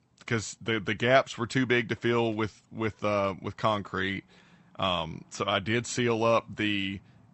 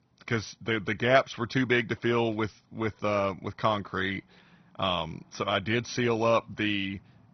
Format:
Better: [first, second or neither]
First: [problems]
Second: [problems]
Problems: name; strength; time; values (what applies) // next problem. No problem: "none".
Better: first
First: garbled, watery; slightly; nothing above 8 kHz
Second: garbled, watery; badly; nothing above 6 kHz